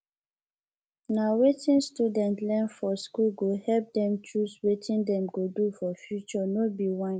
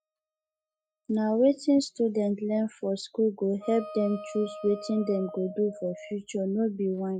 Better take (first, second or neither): first